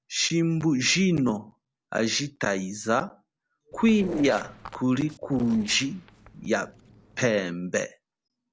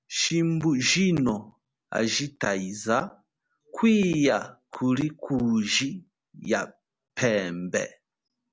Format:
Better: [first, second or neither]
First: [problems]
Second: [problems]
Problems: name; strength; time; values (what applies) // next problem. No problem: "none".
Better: second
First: noise reduction (neural separator model SepFormer DNS4)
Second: none